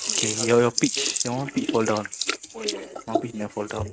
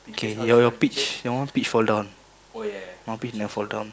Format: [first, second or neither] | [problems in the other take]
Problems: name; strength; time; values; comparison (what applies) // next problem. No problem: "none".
second | noise reduction (neural mask model RNNoise)